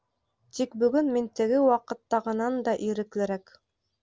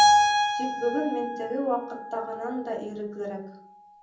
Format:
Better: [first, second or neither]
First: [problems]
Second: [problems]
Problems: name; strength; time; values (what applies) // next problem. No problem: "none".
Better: first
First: none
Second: background sound (Keyboard (musical)); 5 dB above the speech // room echo; dies away in 0.6 s